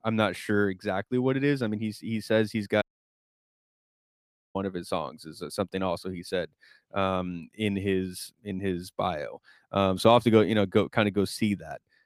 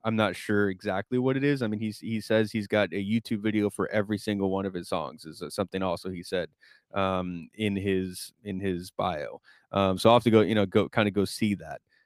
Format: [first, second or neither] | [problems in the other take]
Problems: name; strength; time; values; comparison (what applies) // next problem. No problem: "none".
second | audio cutting out; at 3 s for 1.5 s